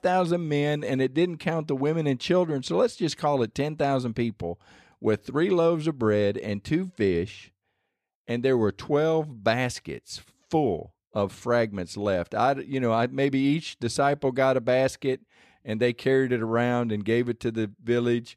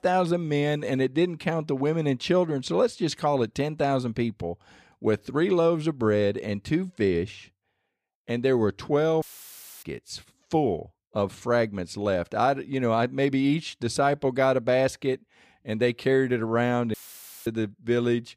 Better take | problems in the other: first | audio cutting out; filled with static; at 9 s for 0.5 s and at 17 s for 0.5 s

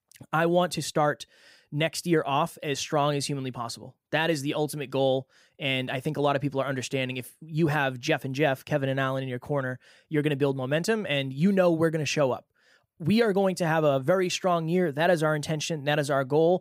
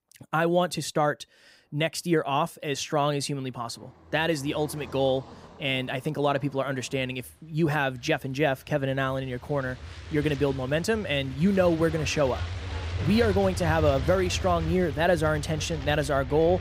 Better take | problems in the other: first | traffic noise; loud; throughout; 9 dB below the speech

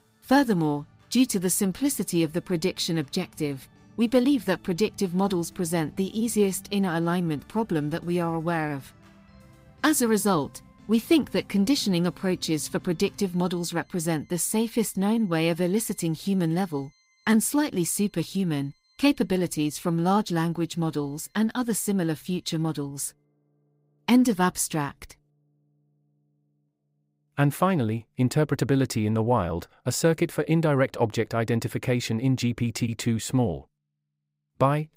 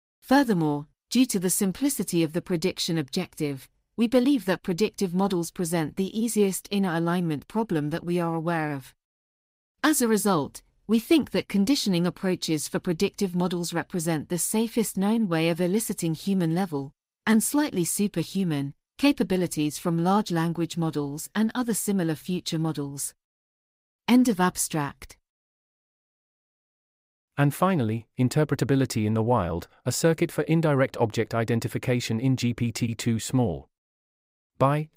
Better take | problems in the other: second | background music; faint; throughout; 30 dB below the speech

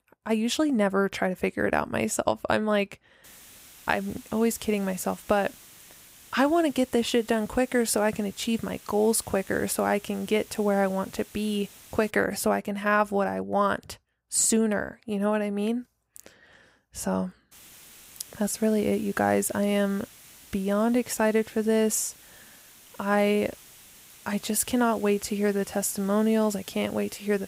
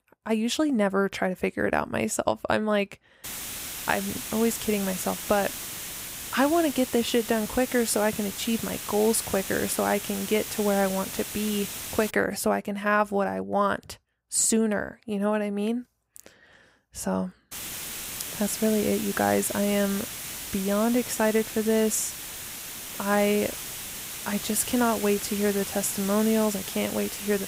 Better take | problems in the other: first | hiss; loud; from 3 to 12 s and from 18 s on; 7 dB below the speech; faint in the first

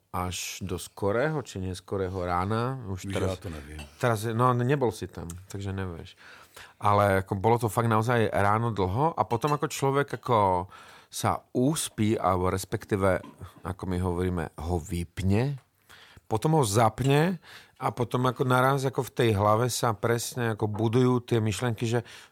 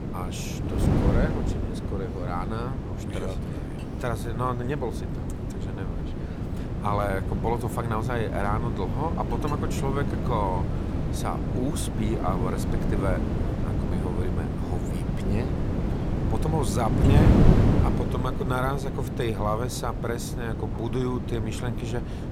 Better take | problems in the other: first | wind noise on the microphone; heavy; 3 dB below the speech

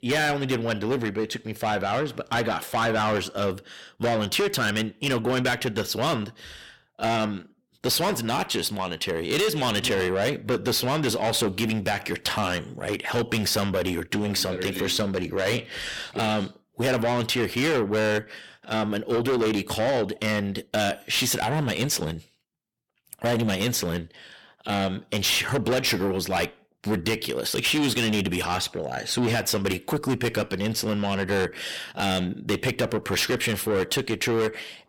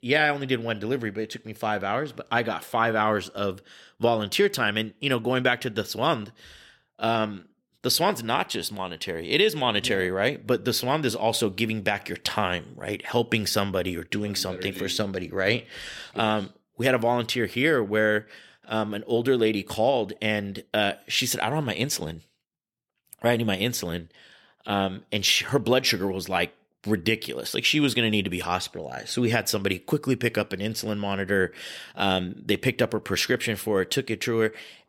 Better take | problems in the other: second | distortion; heavy; 6 dB below the speech

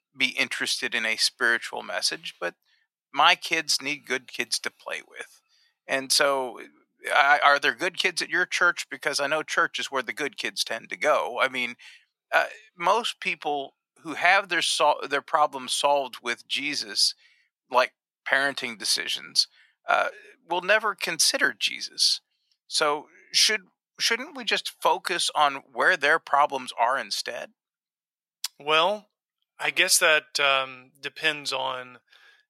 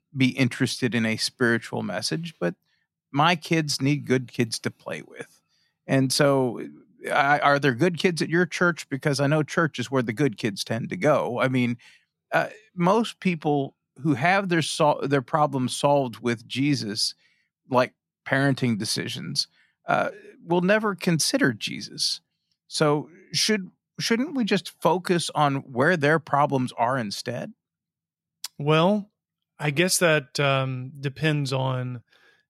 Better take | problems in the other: second | thin; very; fading below 700 Hz

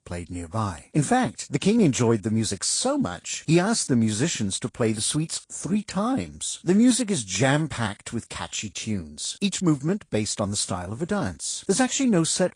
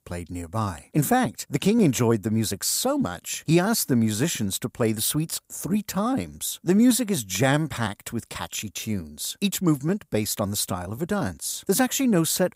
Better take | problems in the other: second | garbled, watery; slightly

